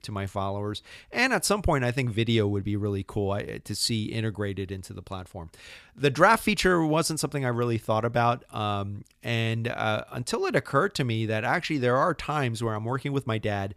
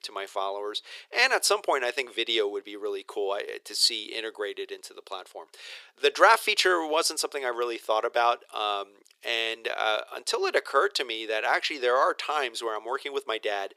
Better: first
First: none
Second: thin; very; fading below 400 Hz

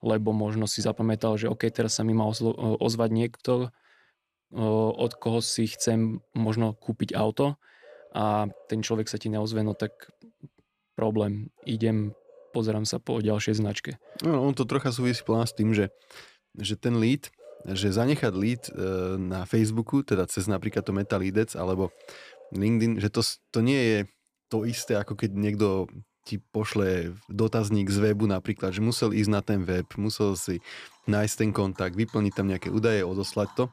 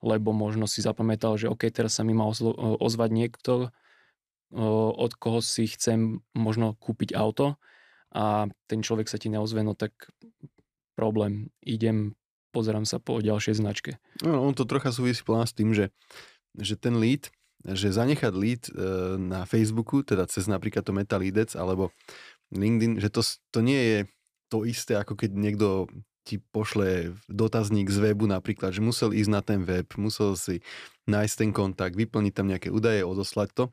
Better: second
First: animal sounds; faint; throughout; 25 dB below the speech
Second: none

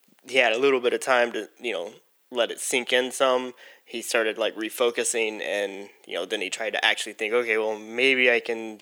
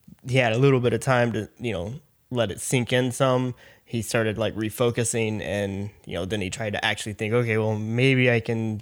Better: second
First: thin; somewhat; fading below 300 Hz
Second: none

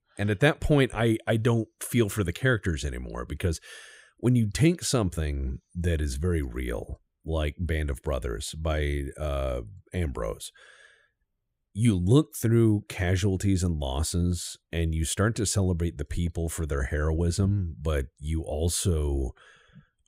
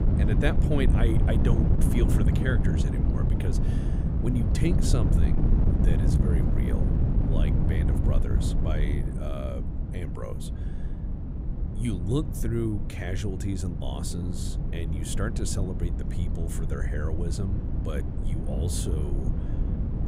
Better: first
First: none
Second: wind noise on the microphone; heavy; 1 dB below the speech

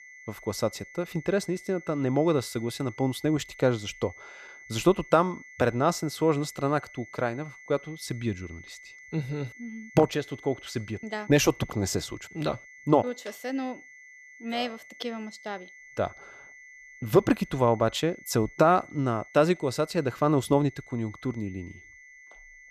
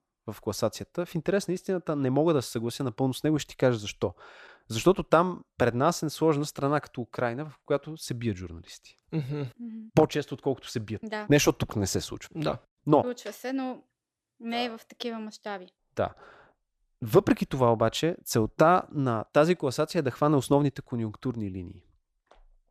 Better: second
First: high-pitched whine; noticeable; throughout; 2 kHz, 20 dB below the speech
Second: none

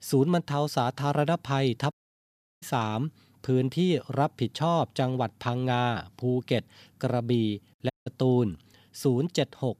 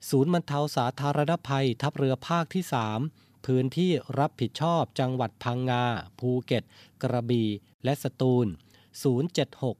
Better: second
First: audio cutting out; at 2 s for 0.5 s and at 8 s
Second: none

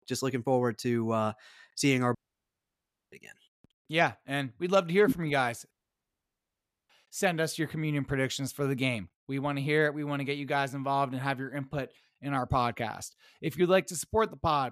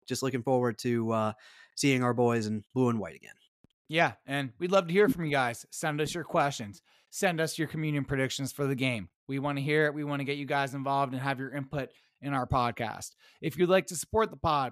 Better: second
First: audio cutting out; at 2 s for 1 s and at 5.5 s for 1 s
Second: none

